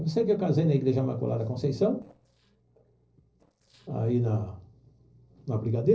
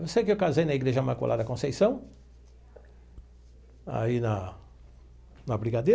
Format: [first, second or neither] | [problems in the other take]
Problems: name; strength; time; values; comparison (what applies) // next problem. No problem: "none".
second | noise reduction (neural separator model SepFormer DNS4)